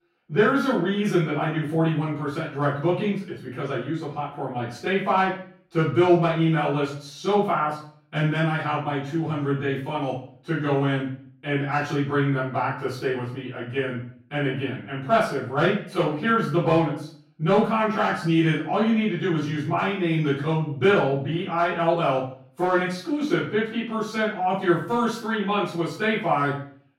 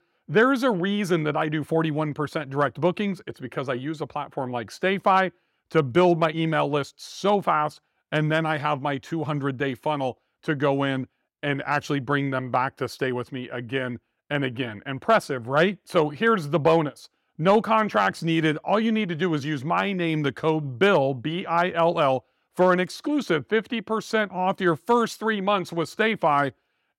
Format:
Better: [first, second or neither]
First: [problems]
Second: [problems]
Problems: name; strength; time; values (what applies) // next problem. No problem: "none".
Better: second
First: off-mic speech; far // room echo; noticeable; dies away in 0.4 s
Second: none